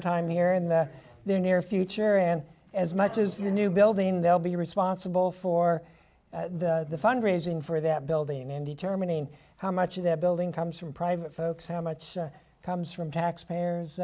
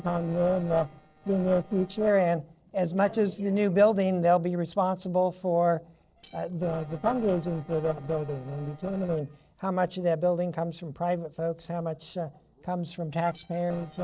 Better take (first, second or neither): first